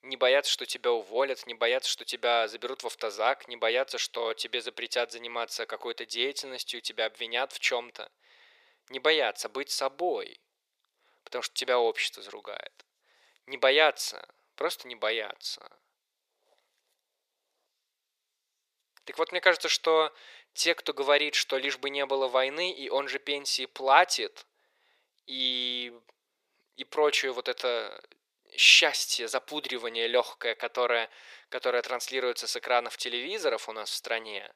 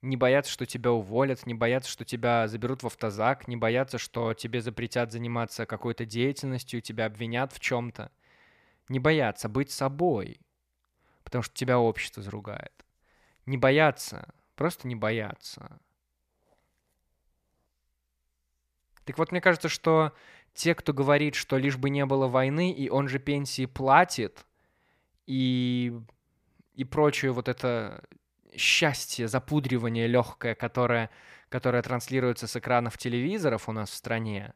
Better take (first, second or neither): second